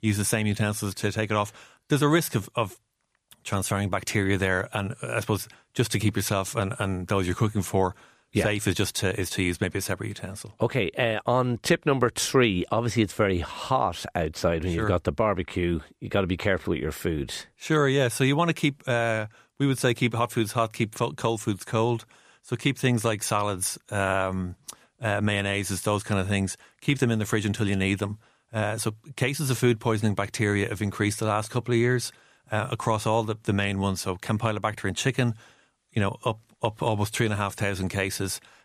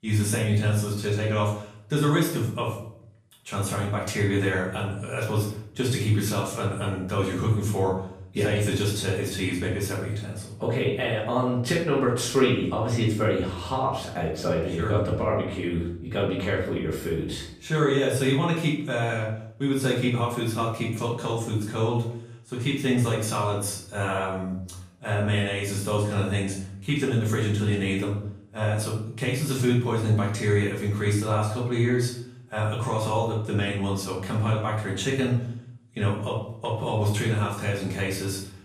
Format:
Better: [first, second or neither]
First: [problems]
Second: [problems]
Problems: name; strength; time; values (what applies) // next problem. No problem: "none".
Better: first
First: none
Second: off-mic speech; far // room echo; noticeable; dies away in 0.6 s